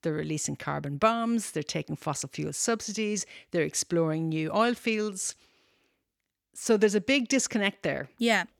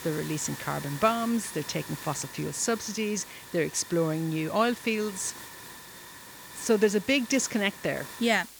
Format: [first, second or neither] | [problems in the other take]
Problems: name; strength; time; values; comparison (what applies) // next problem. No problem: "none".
first | hiss; noticeable; throughout; 15 dB below the speech